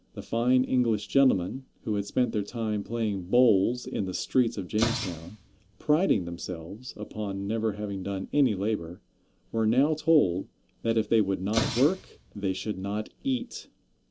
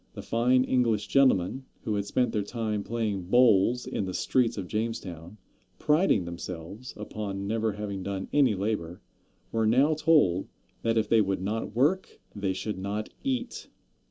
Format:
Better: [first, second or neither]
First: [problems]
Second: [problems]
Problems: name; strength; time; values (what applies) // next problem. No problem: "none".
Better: second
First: background sound (Explosion); 9 dB below the speech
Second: none